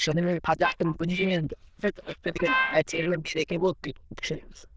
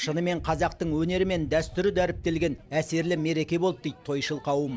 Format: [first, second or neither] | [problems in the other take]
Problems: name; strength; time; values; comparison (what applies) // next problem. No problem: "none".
second | noise reduction (neural diffusion model UNIVERSE++)